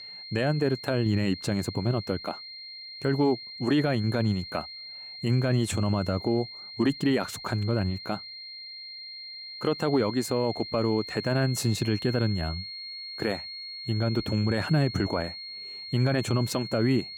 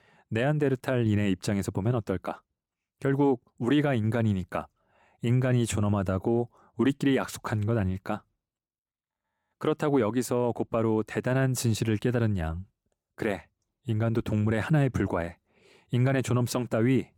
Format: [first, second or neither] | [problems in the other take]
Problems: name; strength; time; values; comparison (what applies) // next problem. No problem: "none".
second | high-pitched whine; noticeable; throughout; 4 kHz, 10 dB below the speech